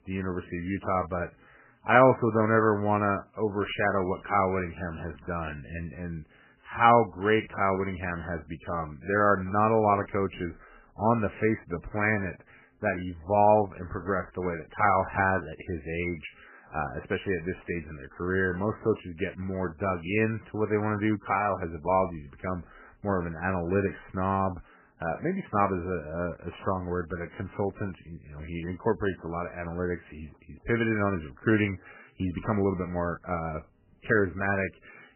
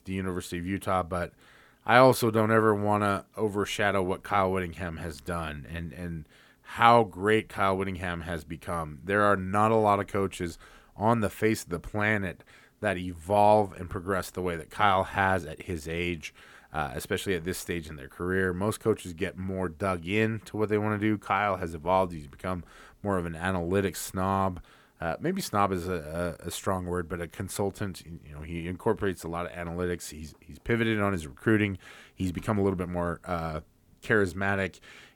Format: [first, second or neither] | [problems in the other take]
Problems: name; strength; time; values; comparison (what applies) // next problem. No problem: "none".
second | garbled, watery; badly; nothing above 3 kHz